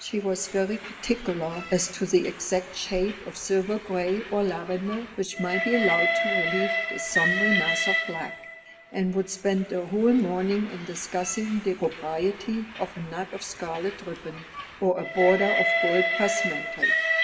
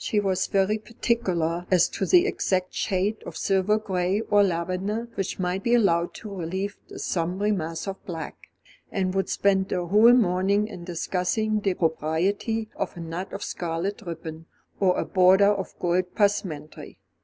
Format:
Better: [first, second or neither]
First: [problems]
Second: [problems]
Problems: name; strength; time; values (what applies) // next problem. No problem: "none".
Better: second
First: background sound (Train); 3 dB below the speech // room echo; dies away in 1.8 s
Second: none